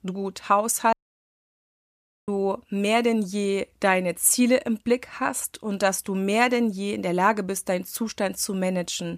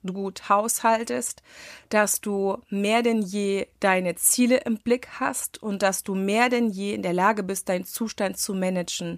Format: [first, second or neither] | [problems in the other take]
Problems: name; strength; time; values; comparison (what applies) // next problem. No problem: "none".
second | audio cutting out; at 1 s for 1.5 s